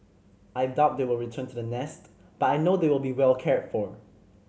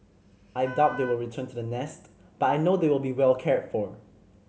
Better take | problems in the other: first | background sound (Wind instrument, woodwind instrument); 15 dB below the speech

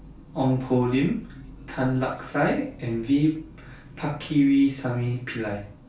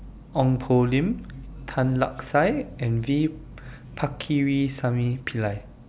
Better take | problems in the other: second | room echo; dies away in 0.3 s

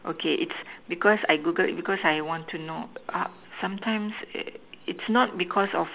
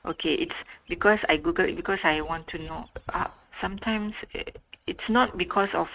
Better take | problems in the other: first | noise reduction (neural mask model RNNoise)

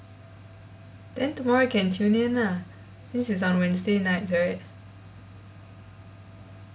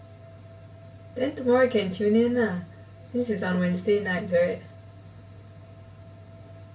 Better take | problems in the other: first | room echo; dies away in 0.1 s

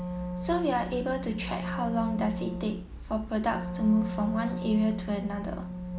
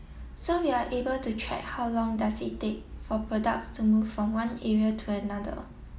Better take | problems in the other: second | background sound (Wind instrument, woodwind instrument); 6 dB below the speech

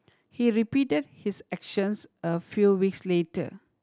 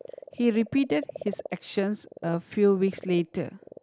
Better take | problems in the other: first | background sound (Frog); 16 dB below the speech

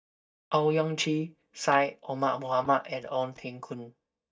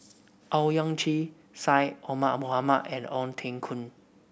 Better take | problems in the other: second | noise reduction (neural mask model DeepFilterNet 3)

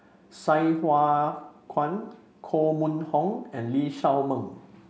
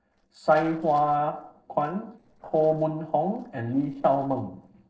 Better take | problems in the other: first | noise reduction (neural separator model SepFormer DNS4)

